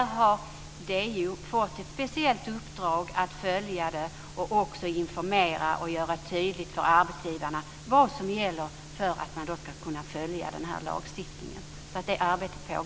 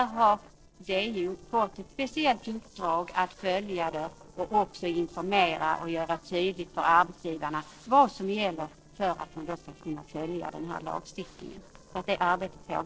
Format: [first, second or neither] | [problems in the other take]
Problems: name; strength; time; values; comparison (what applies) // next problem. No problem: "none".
first | noise reduction (neural separator model SepFormer DNS4)